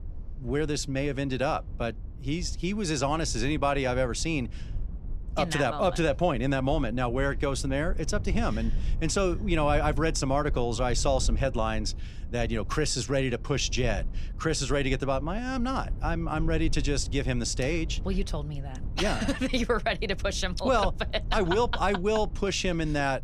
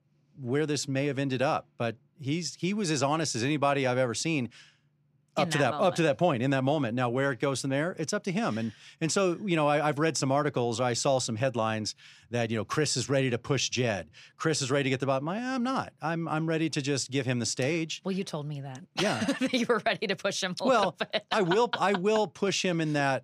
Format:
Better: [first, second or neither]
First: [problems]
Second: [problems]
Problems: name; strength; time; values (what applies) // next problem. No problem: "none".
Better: second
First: low rumble; faint; throughout; 25 dB below the speech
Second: none